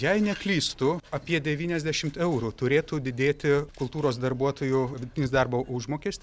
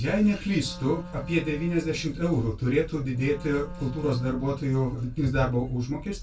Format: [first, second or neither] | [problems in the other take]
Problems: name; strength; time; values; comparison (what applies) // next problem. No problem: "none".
first | background sound (Wind instrument, woodwind instrument); 17 dB below the speech // room echo; dies away in 0.2 s